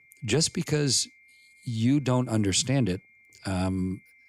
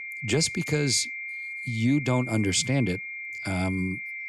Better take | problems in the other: first | high-pitched whine; loud; throughout; 2 kHz, 7 dB below the speech; faint in the first

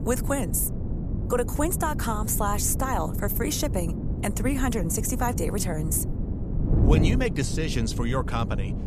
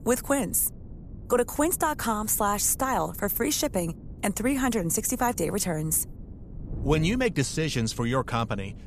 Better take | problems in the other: second | wind noise on the microphone; heavy; 10 dB below the speech; occasional gusts in the second

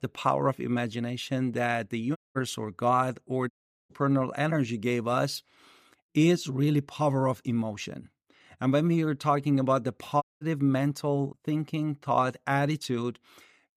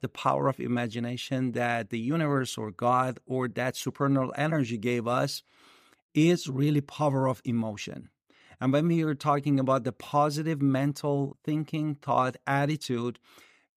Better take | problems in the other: second | audio cutting out; at 2 s, at 3.5 s and at 10 s

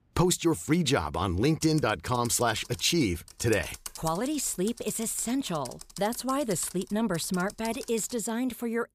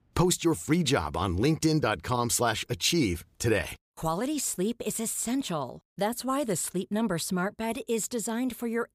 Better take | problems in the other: second | keyboard typing; faint; from 1.5 to 8 s; peak 10 dB below the speech

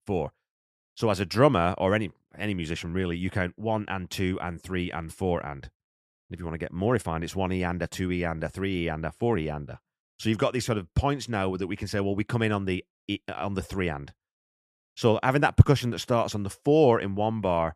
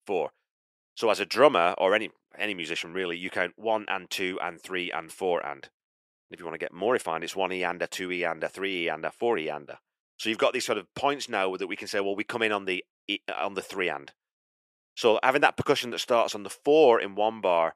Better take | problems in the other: first | thin; somewhat; fading below 450 Hz

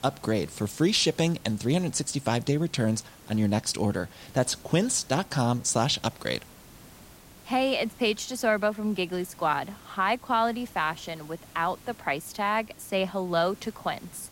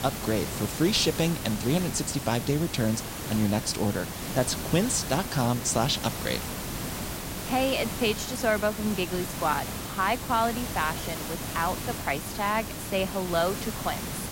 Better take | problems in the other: first | hiss; loud; throughout; 6 dB below the speech; faint in the first

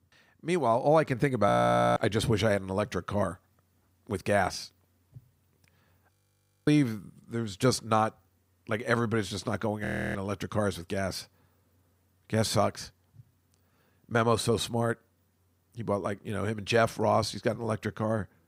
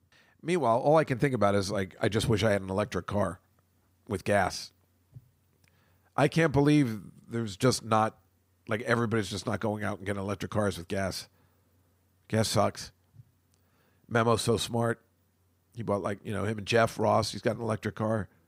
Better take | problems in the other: second | audio freezing; at 1.5 s, at 6 s for 0.5 s and at 10 s

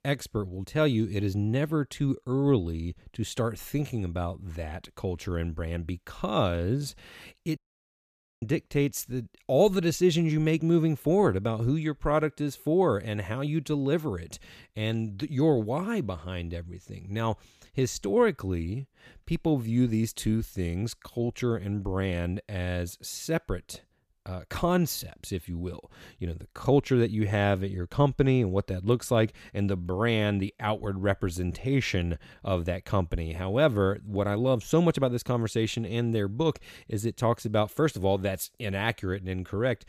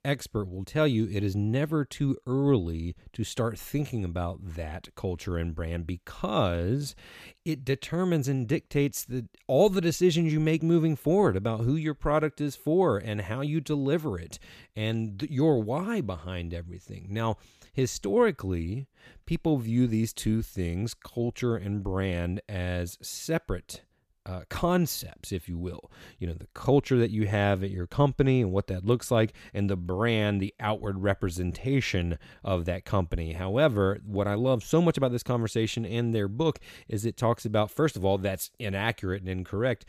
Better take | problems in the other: second | audio cutting out; at 7.5 s for 1 s

